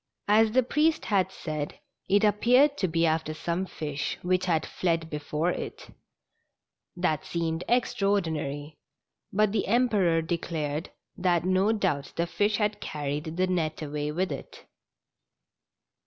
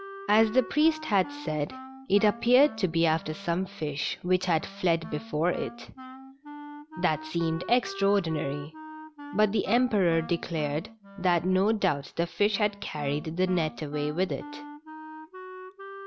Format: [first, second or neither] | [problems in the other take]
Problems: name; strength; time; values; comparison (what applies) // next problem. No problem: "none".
first | background sound (Wind instrument, woodwind instrument); 15 dB below the speech